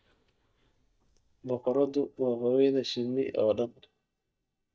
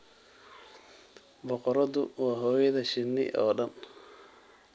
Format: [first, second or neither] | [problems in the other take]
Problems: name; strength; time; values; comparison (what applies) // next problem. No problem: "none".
second | noise reduction (neural mask model DeepFilterNet 3)